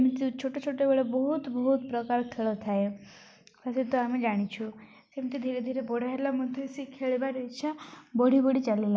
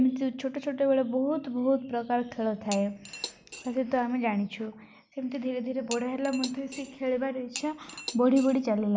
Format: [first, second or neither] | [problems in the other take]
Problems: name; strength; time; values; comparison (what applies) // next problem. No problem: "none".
first | background sound (Cutlery, silverware / Dishes, pots, and pans); 14 dB below the speech